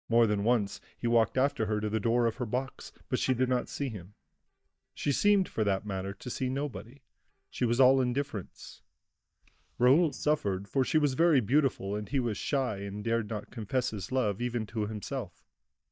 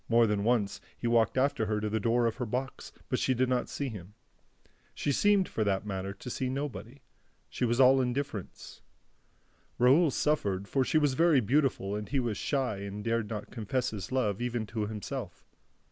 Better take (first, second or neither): second